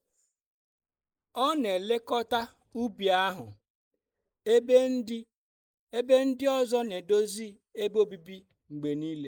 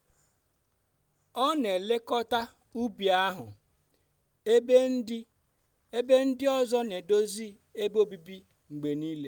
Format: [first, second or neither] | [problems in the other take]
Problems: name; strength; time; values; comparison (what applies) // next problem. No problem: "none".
second | noise reduction (neural mask model Resemble Enhance denoiser)